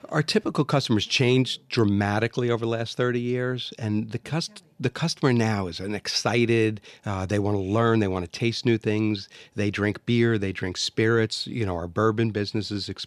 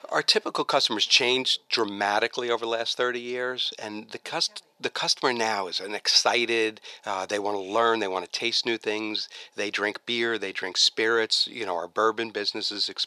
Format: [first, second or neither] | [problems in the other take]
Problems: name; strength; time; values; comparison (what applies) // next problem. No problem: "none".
first | thin; very; fading below 600 Hz